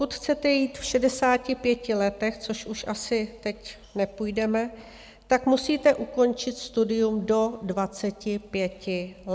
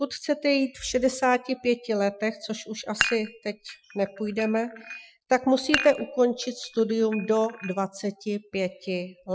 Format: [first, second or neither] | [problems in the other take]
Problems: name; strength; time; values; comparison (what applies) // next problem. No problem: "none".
first | noise reduction (classical method Wiener filter)